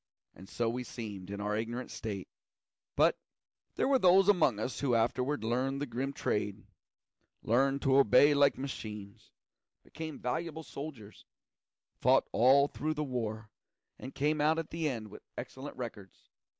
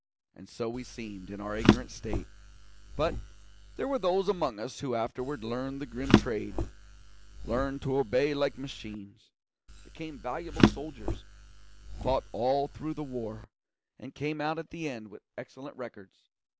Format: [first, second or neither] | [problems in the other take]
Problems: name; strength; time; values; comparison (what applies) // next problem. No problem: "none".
first | background sound (Drawer open or close); 2 dB above the speech